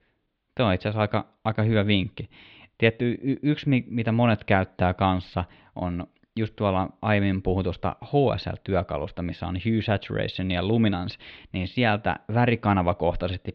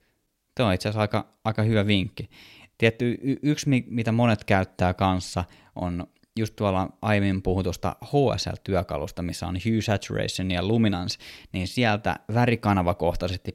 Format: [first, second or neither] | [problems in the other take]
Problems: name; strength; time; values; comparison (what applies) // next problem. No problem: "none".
second | muffled; slightly; fading above 3.5 kHz